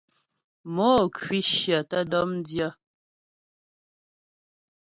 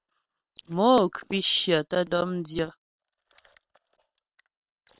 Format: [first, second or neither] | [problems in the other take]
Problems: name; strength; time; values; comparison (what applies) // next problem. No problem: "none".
first | noise reduction (neural separator model SepFormer WHAM!)